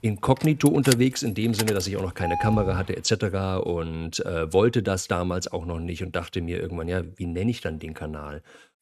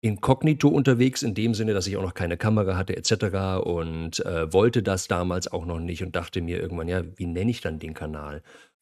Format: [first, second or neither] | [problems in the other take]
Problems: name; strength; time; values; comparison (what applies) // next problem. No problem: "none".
second | traffic noise; loud; until 3 s; 5 dB below the speech